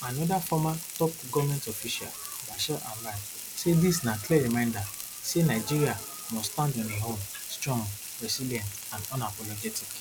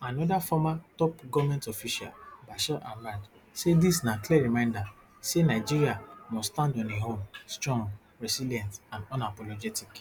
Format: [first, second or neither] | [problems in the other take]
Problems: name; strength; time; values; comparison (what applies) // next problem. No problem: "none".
second | background sound (Frying (food)); 10 dB below the speech